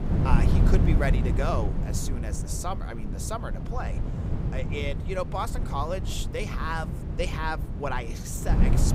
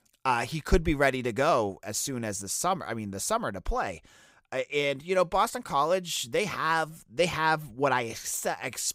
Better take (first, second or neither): second